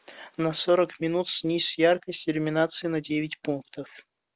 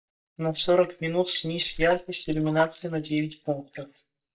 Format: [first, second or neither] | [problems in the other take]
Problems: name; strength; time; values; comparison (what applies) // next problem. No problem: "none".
first | noise reduction (neural mask model DeepFilterNet 3)